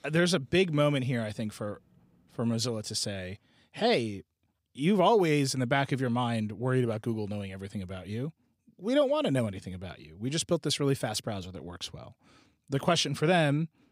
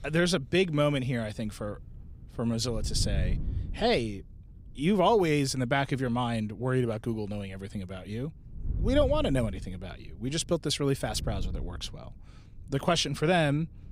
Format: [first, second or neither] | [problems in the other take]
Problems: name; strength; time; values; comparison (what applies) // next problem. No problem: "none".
first | wind noise on the microphone; occasional gusts; 25 dB below the speech